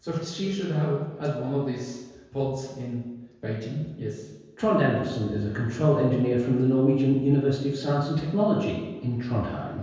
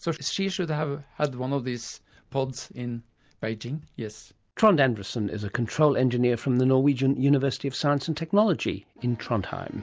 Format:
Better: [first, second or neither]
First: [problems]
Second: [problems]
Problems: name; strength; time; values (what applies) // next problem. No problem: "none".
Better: second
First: room echo; dies away in 1.2 s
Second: none